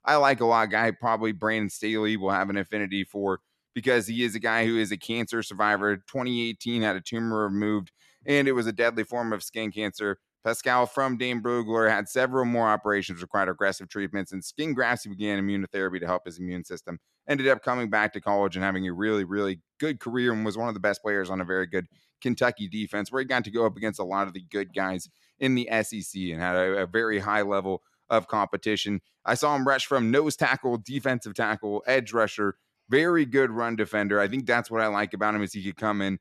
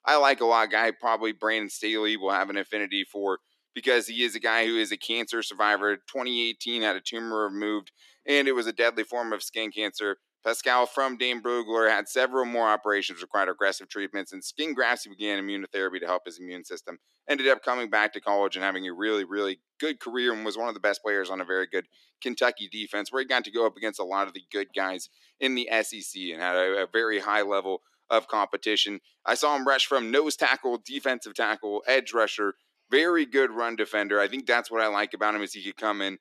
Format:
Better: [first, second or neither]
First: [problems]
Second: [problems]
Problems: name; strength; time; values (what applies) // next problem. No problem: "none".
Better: first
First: none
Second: thin; somewhat; fading below 300 Hz